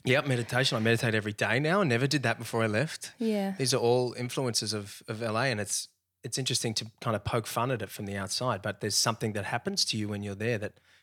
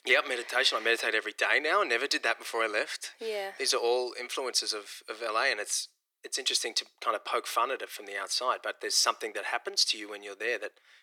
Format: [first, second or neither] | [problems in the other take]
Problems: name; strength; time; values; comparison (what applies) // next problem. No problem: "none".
first | thin; very; fading below 350 Hz